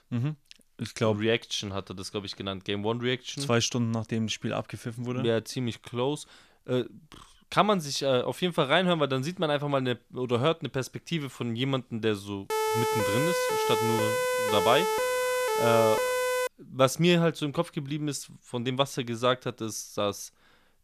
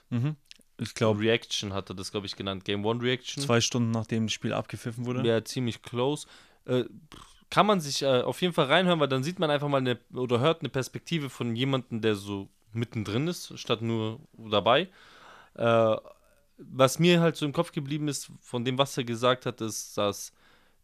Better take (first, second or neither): second